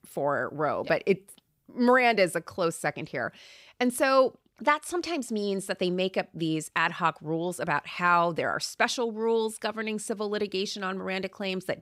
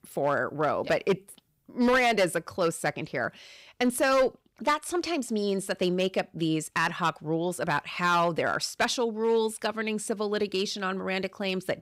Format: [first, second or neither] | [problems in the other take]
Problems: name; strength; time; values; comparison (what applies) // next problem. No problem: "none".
first | distortion; slight; 4% of the sound clipped